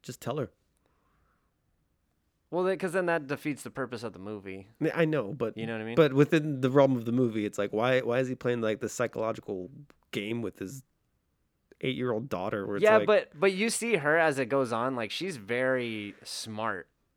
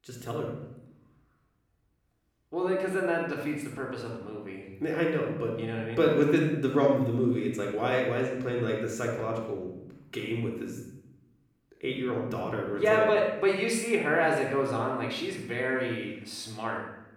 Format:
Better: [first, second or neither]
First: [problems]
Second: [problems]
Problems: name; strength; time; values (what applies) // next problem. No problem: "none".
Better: first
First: none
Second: room echo; noticeable; dies away in 0.7 s // off-mic speech; far